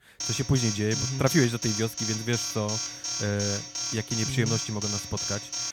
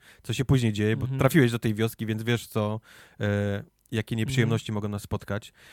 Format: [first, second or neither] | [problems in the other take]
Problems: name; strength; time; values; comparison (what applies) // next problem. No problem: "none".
second | alarm; noticeable; peak 1 dB below the speech